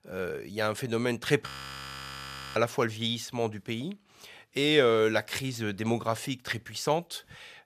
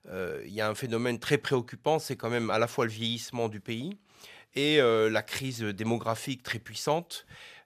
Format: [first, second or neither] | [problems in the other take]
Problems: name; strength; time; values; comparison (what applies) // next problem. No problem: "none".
second | audio freezing; at 1.5 s for 1 s